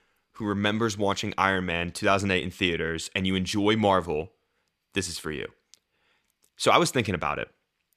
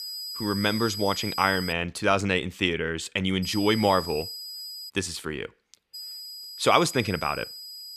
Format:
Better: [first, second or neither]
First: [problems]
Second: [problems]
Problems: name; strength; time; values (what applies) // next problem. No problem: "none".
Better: first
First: none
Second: high-pitched whine; loud; until 1.5 s, from 3.5 to 5 s and from 6 s on; 5 kHz, 9 dB below the speech